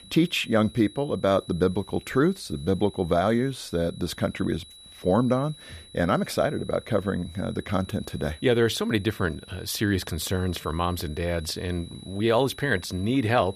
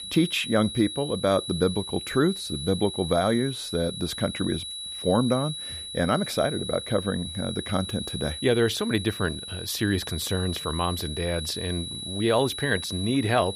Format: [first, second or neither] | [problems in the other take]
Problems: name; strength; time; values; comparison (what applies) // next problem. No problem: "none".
first | high-pitched whine; loud; throughout; 4 kHz, 7 dB below the speech; faint in the first